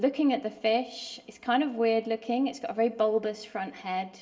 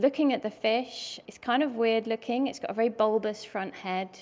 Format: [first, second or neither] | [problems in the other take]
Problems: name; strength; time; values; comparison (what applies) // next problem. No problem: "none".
second | room echo; dies away in 0.7 s